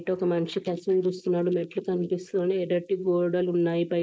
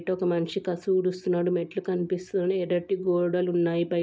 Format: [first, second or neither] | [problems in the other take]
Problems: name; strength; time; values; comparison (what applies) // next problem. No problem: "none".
second | noise reduction (neural mask model Resemble Enhance denoiser)